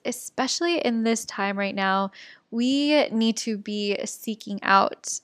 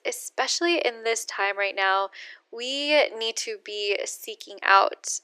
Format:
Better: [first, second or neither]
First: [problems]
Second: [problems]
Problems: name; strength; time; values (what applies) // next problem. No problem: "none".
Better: first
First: none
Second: thin; very; fading below 350 Hz